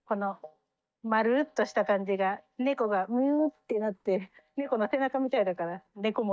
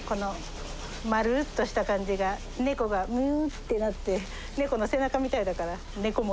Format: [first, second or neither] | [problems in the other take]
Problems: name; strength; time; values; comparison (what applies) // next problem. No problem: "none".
second | noise reduction (neural mask model DeepFilterNet 3)